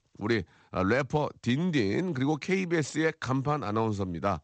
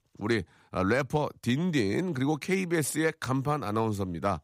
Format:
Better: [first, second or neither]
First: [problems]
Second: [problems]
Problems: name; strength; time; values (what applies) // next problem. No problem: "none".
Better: second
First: garbled, watery; slightly; nothing above 8 kHz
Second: none